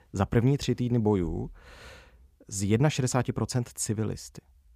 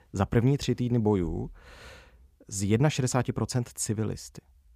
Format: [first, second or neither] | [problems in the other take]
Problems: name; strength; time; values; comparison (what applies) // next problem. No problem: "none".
neither | none